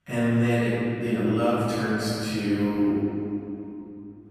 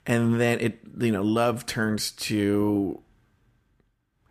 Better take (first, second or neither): second